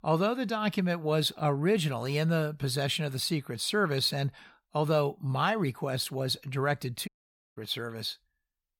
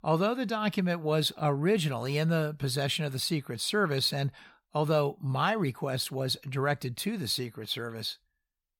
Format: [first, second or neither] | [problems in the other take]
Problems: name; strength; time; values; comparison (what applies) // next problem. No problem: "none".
second | audio cutting out; at 7 s